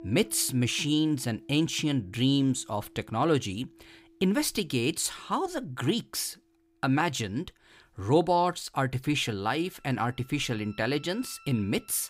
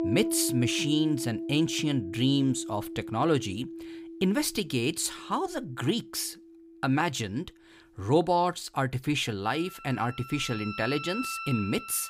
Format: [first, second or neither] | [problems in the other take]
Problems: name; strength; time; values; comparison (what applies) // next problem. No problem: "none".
first | background music; loud; throughout; 9 dB below the speech; faint in the first